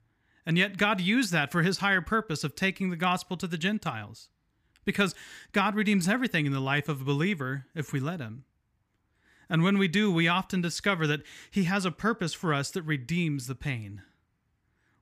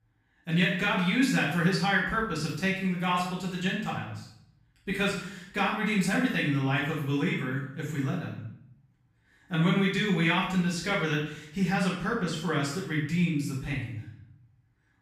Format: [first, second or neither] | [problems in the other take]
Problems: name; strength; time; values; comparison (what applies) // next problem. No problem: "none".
first | room echo; noticeable; dies away in 0.6 s // off-mic speech; far